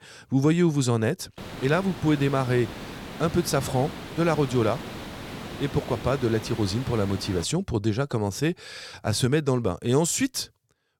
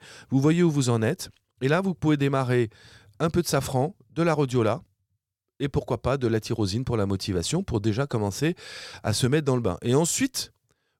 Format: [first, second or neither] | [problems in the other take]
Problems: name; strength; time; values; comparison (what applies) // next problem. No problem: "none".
second | hiss; noticeable; from 1.5 to 7.5 s; 10 dB below the speech